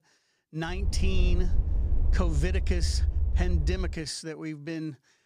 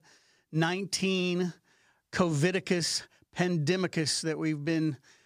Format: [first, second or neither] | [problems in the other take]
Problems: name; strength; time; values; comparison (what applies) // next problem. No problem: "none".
second | low rumble; noticeable; from 1 to 4 s; 10 dB below the speech